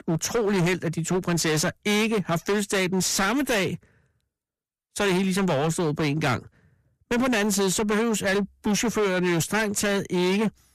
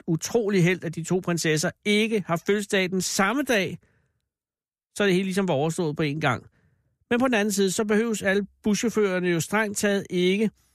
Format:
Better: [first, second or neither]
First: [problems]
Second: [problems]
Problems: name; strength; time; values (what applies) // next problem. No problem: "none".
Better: second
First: distortion; heavy; 24% of the sound clipped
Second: none